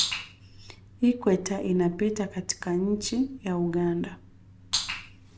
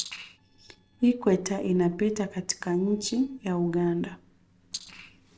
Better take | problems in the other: first | noise reduction (neural separator model SepFormer DNS4)

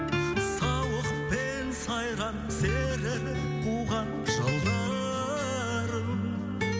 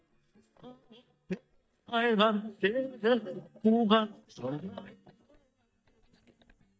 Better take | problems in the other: first | noise reduction (neural mask model DeepFilterNet 3)

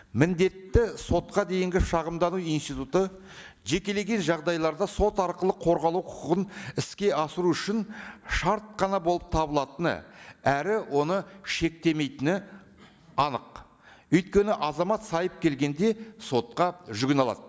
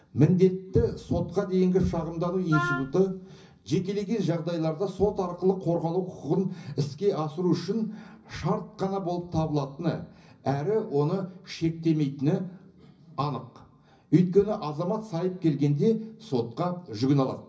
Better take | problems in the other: first | background sound (Wind instrument, woodwind instrument); 5 dB below the speech // room echo; dies away in 0.5 s

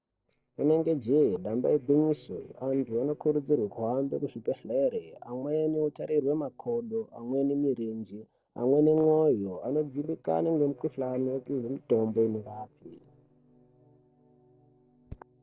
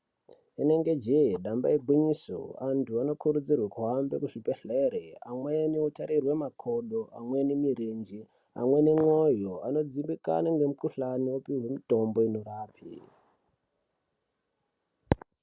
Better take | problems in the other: second | noise reduction (neural separator model SepFormer DNS4)

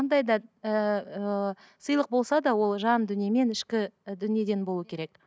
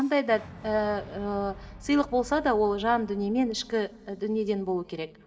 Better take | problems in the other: first | background sound (Boom); 20 dB below the speech // room echo; dies away in 2.8 s

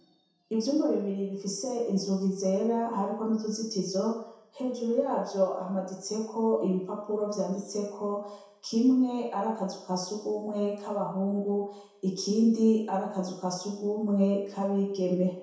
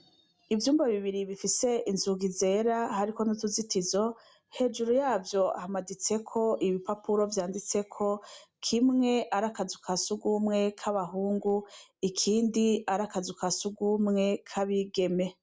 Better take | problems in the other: second | room echo; dies away in 0.7 s

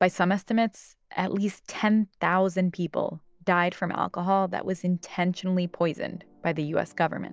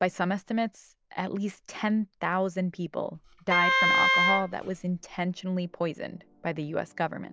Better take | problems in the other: first | background sound (Wind instrument, woodwind instrument); 5 dB above the speech

